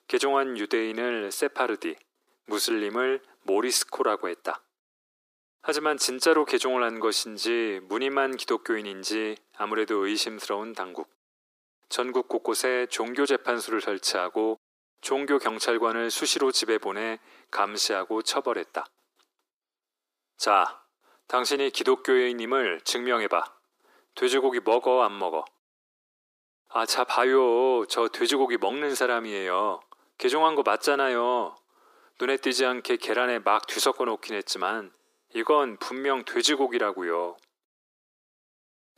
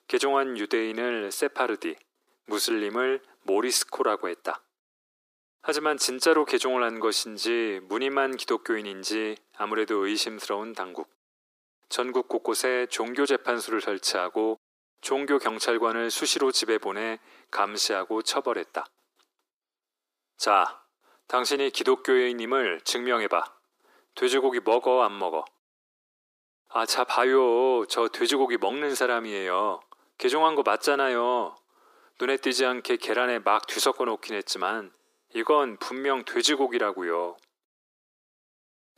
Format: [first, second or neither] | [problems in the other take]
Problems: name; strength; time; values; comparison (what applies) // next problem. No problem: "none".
neither | thin; very; fading below 300 Hz; the same in both